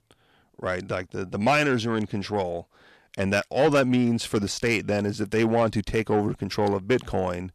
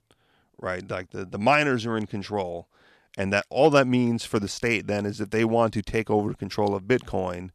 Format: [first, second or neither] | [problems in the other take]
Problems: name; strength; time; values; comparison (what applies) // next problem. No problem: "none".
second | distortion; slight; 10 dB below the speech